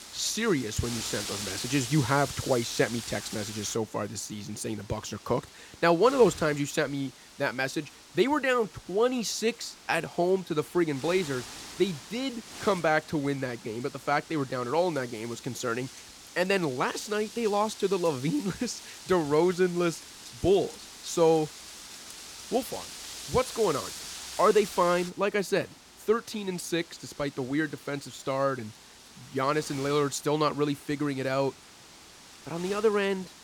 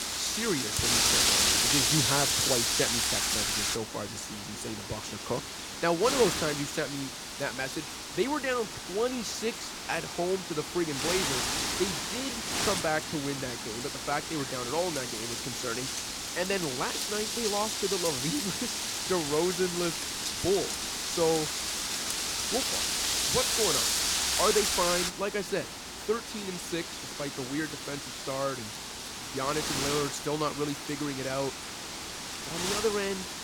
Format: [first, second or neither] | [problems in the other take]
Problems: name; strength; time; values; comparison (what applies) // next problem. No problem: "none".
first | wind noise on the microphone; heavy; 3 dB above the speech; occasional gusts in the first